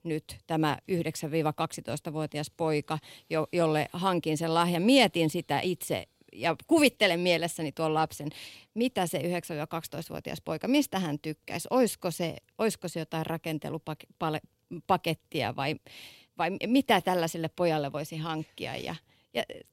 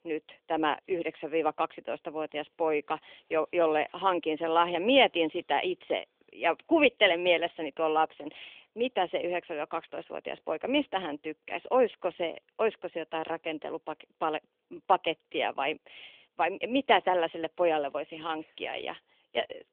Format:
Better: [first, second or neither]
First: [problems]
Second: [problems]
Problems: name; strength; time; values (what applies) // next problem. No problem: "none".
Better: first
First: none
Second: phone-call audio; nothing above 3.5 kHz